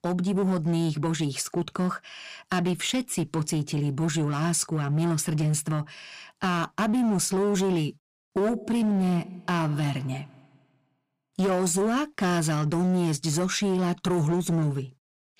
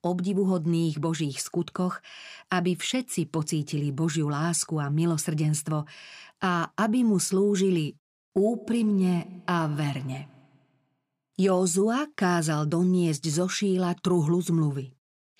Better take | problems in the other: second | distortion; slight; 15% of the sound clipped

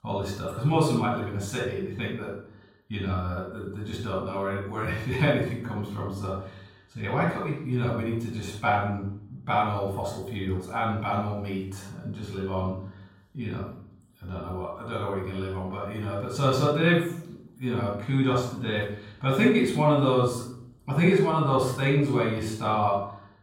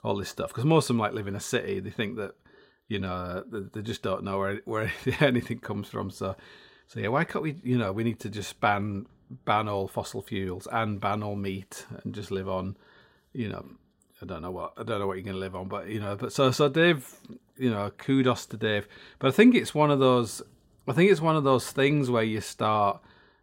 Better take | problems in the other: second | room echo; noticeable; dies away in 0.5 s // off-mic speech; far

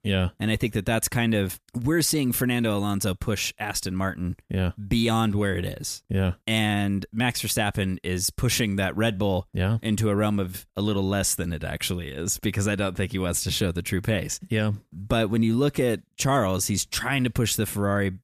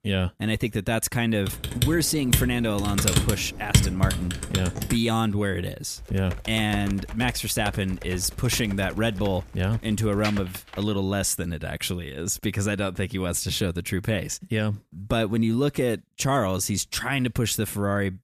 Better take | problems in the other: first | keyboard typing; loud; from 1.5 to 5 s; peak 5 dB above the speech // keyboard typing; noticeable; from 6 to 11 s; peak 7 dB below the speech

